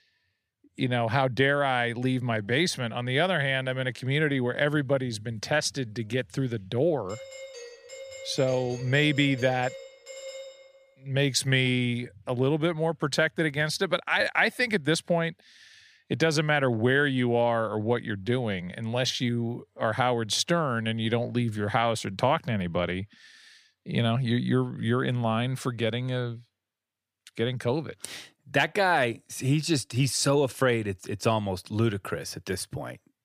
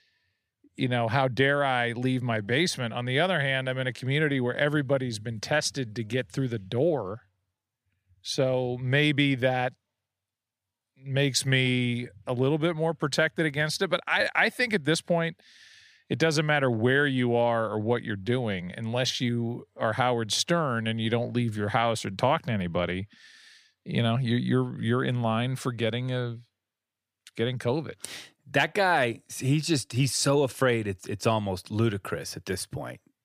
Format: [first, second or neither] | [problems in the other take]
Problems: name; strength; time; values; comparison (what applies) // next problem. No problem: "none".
second | doorbell; faint; from 7 to 11 s; peak 15 dB below the speech